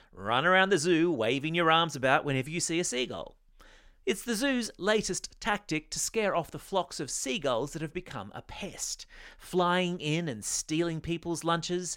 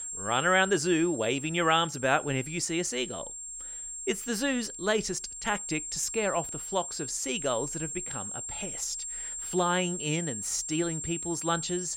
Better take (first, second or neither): first